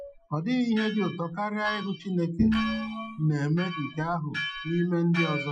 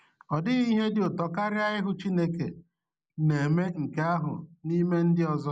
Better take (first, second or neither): second